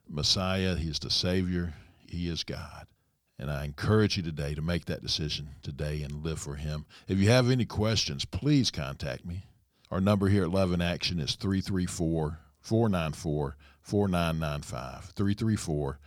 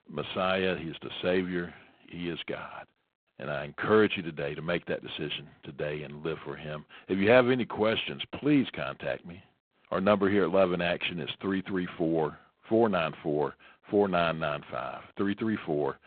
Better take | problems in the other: first | phone-call audio; poor line

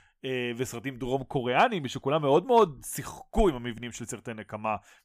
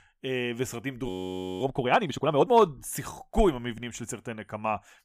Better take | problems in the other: first | audio freezing; at 1 s for 0.5 s

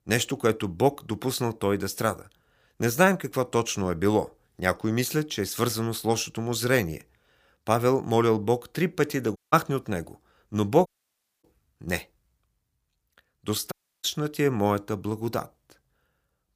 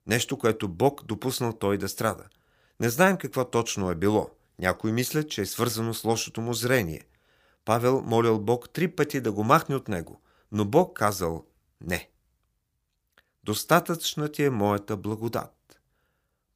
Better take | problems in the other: second | audio cutting out; at 9.5 s, at 11 s for 0.5 s and at 14 s

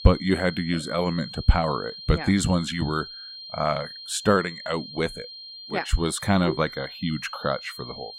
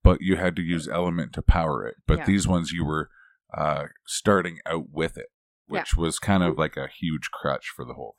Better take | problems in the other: second | high-pitched whine; noticeable; throughout; 4 kHz, 10 dB below the speech

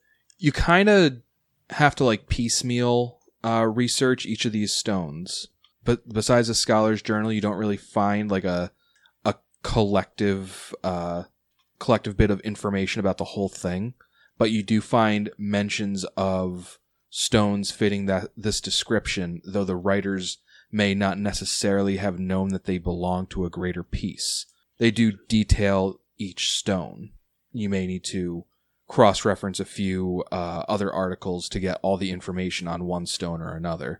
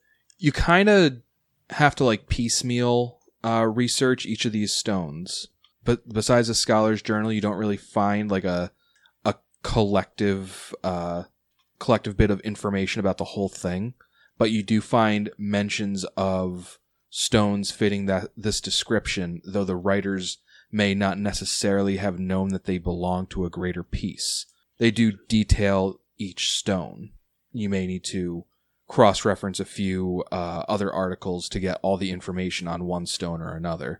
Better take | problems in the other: neither | none

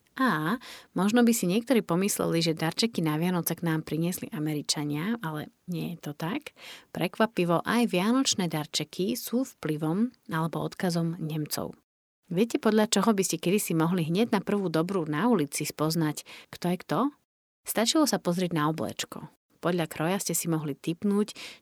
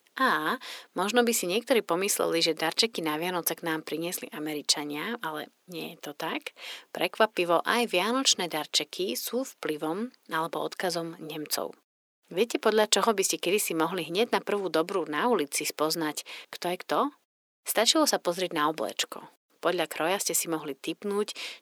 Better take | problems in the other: first | thin; somewhat; fading below 450 Hz

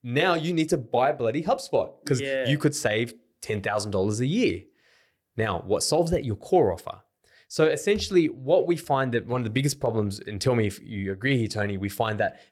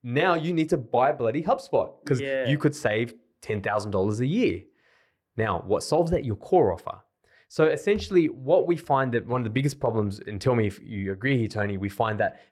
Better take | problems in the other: first | muffled; slightly; fading above 3.5 kHz

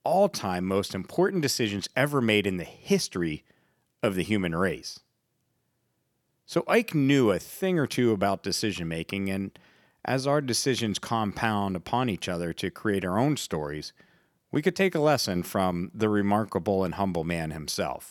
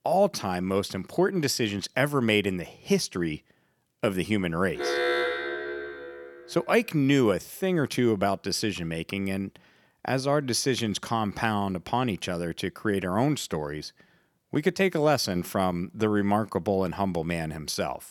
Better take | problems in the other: first | alarm; loud; from 5 to 6.5 s; peak 2 dB above the speech

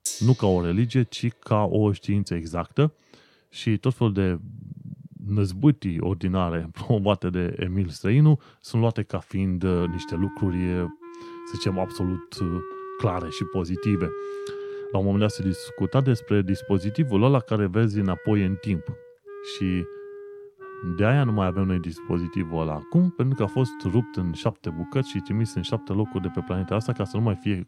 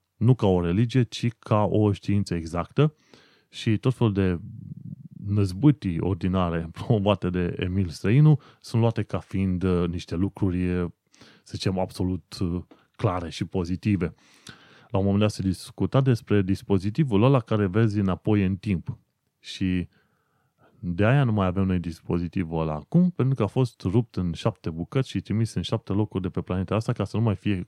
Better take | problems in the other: second | background music; noticeable; throughout; 15 dB below the speech

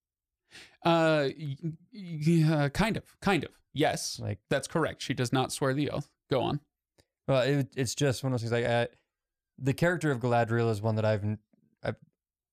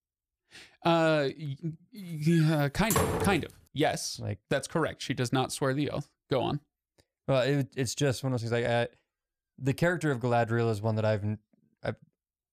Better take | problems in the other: first | door banging; loud; from 2.5 to 3.5 s; peak 2 dB above the speech

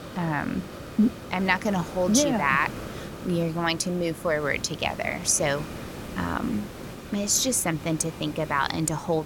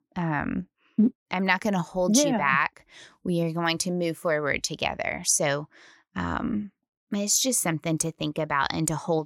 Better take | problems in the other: second | hiss; noticeable; throughout; 15 dB below the speech

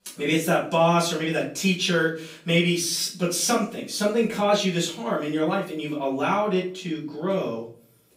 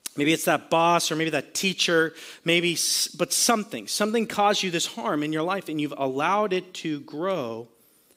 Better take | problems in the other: second | off-mic speech; far // room echo; slight; dies away in 0.4 s

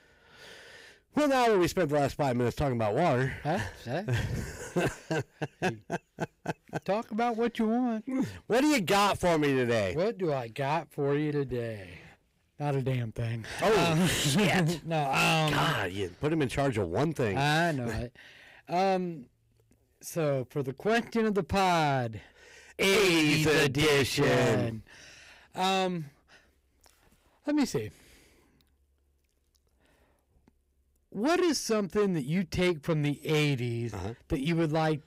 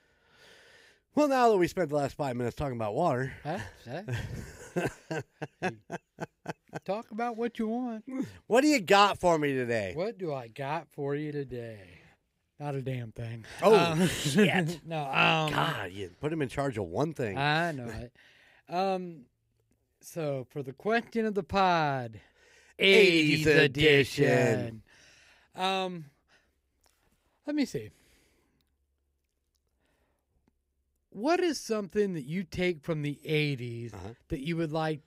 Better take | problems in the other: second | distortion; heavy; 6 dB below the speech

